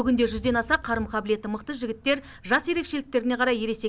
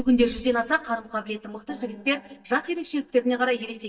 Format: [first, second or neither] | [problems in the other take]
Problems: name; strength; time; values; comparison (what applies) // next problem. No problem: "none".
first | noise reduction (neural mask model DeepFilterNet 3)